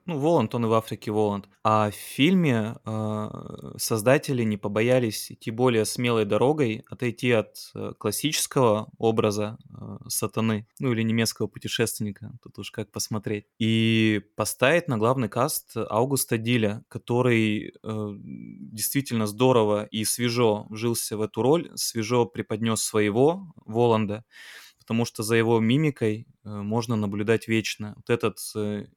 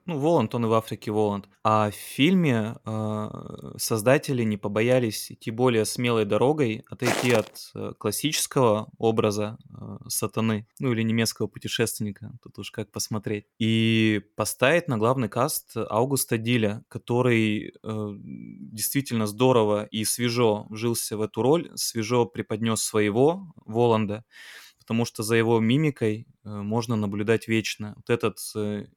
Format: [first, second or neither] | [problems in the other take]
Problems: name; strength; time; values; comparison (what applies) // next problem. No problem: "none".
first | footsteps; noticeable; at 7 s; peak 2 dB below the speech